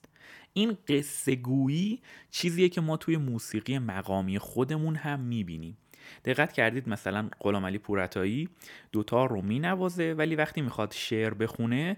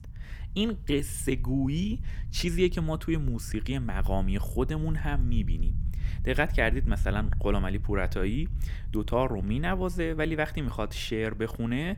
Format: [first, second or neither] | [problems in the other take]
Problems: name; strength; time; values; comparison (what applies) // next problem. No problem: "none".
first | low rumble; faint; throughout; 20 dB below the speech